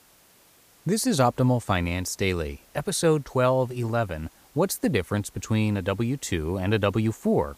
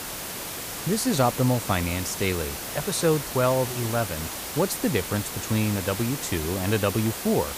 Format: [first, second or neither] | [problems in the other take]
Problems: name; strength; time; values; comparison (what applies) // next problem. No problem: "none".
first | hiss; loud; throughout; 6 dB below the speech; faint in the first